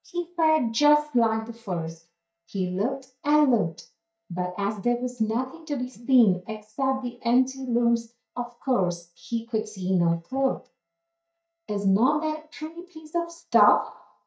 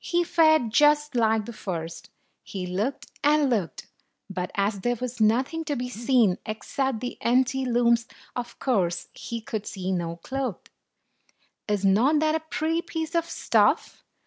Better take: second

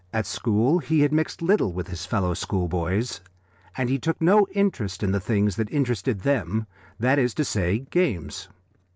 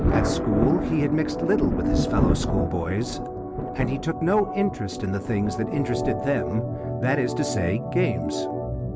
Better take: first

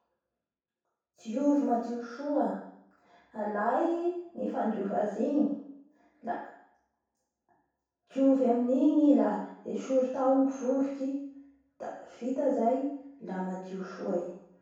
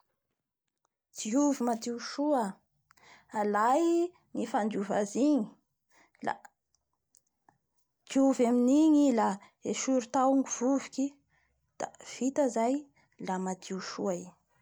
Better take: second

